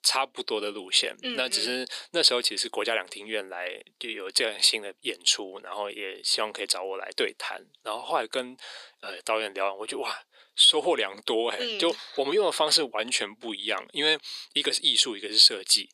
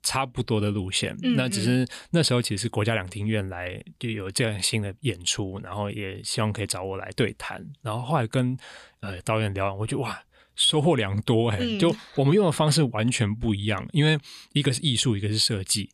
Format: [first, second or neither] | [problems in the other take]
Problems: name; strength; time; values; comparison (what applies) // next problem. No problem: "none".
second | thin; very; fading below 350 Hz